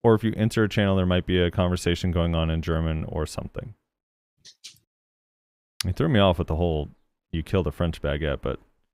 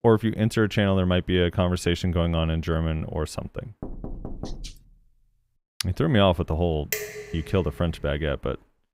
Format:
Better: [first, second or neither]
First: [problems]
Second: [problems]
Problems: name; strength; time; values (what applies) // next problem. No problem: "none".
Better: first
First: none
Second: door banging; faint; at 4 s; peak 15 dB below the speech // clattering dishes; noticeable; at 7 s; peak 5 dB below the speech